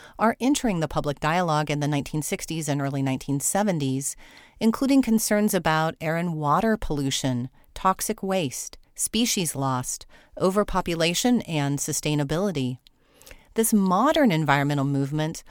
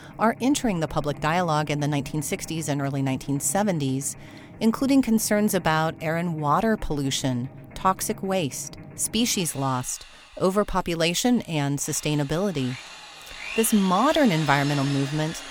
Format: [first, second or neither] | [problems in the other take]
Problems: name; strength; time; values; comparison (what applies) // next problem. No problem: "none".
first | machinery noise; noticeable; throughout; 15 dB below the speech